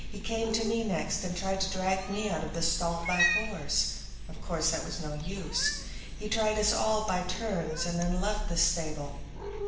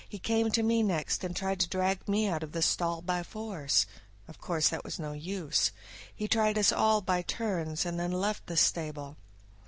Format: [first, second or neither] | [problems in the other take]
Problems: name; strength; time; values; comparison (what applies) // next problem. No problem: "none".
second | background sound (Cat); 4 dB below the speech // room echo; dies away in 0.8 s